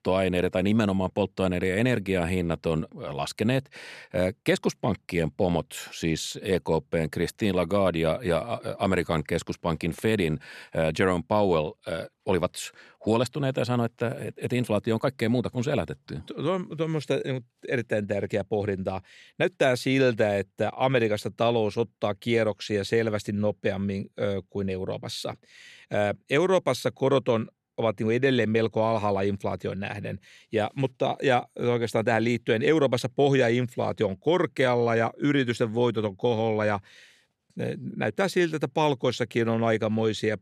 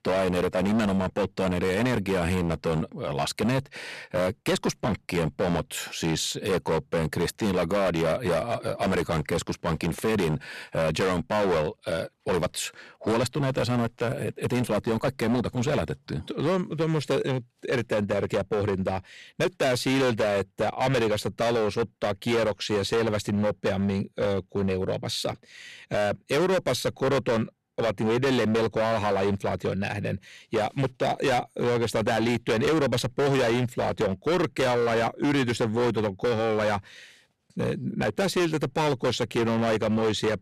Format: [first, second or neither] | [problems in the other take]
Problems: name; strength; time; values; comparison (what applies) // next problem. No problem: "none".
first | distortion; heavy; 17% of the sound clipped